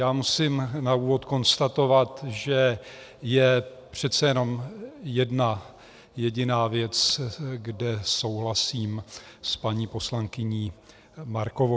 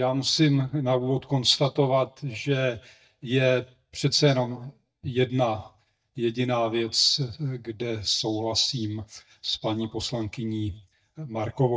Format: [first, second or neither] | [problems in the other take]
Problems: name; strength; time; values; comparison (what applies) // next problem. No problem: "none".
first | noise reduction (neural mask model DeepFilterNet 3)